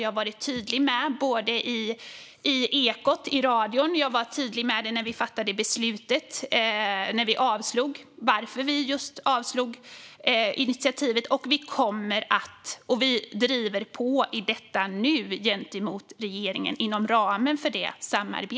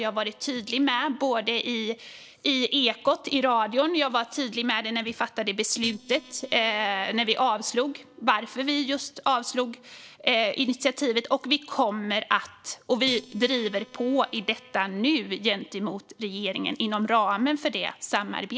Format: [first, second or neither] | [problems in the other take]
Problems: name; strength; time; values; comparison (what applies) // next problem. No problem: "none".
first | noise reduction (neural separator model SepFormer DNS4)